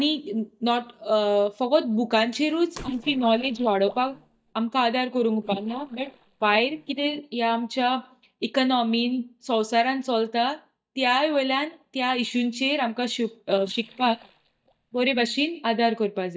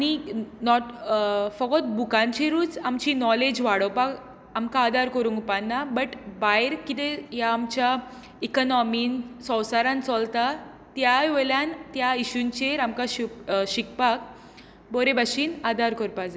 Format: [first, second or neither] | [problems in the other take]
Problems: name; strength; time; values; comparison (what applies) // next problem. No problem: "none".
second | noise reduction (neural mask model DeepFilterNet 3)